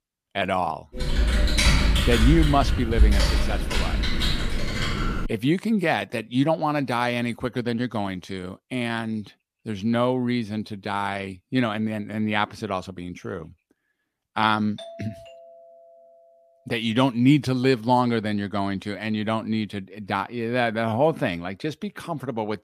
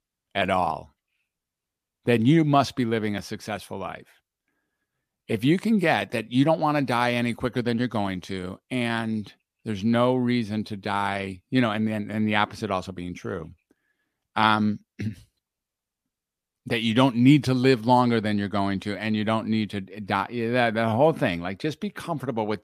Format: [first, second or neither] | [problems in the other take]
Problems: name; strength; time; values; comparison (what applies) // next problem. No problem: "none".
second | keyboard typing; loud; from 1 to 5.5 s; peak 6 dB above the speech // doorbell; faint; from 15 to 16 s; peak 15 dB below the speech